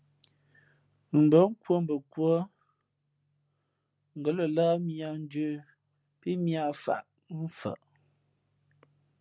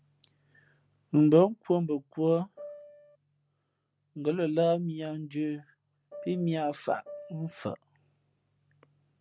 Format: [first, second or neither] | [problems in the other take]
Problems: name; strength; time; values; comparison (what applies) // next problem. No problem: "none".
first | background sound (Piano); 15 dB below the speech